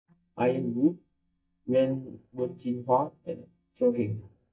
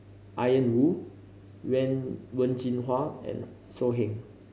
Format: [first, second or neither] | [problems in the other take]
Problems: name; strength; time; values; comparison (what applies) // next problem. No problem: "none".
second | noise reduction (neural mask model DeepFilterNet 3)